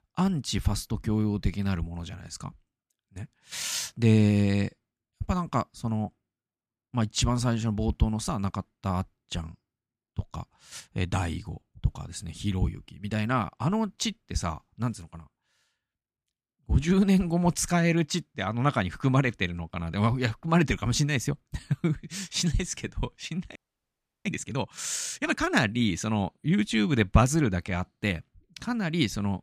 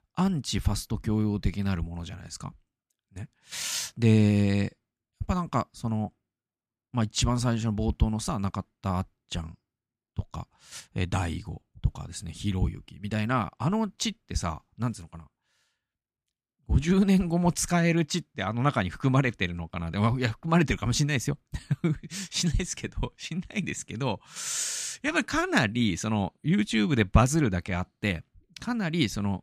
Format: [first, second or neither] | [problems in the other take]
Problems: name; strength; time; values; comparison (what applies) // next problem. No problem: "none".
second | audio freezing; at 24 s for 0.5 s